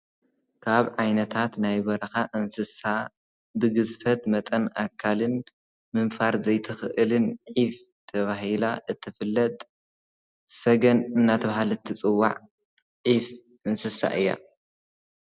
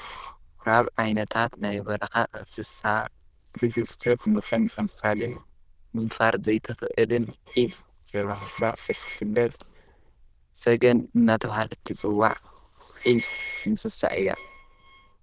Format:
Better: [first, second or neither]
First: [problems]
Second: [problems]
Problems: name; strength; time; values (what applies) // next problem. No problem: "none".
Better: first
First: none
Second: noise reduction (neural diffusion model UNIVERSE++)